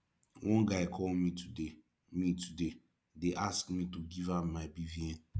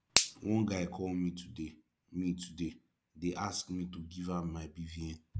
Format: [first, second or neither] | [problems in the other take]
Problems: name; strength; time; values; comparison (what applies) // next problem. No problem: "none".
first | background sound (Finger snapping); 3 dB above the speech